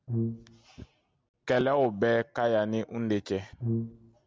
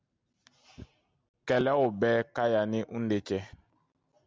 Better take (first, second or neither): second